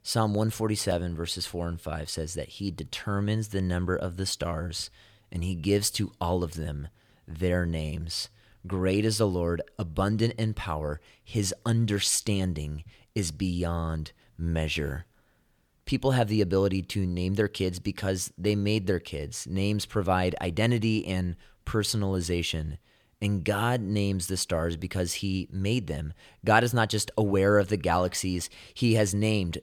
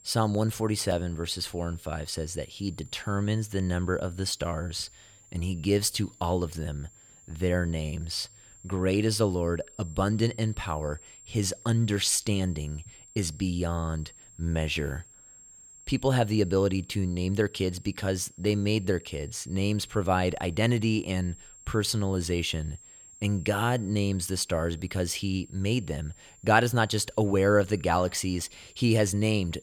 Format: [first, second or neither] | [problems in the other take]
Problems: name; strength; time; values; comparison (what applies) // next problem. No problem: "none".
first | high-pitched whine; faint; throughout; 7.5 kHz, 20 dB below the speech